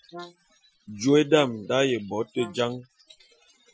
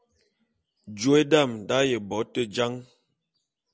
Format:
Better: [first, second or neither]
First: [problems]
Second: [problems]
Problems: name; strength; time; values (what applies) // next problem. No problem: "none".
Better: second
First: noise reduction (classical method Wiener filter)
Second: none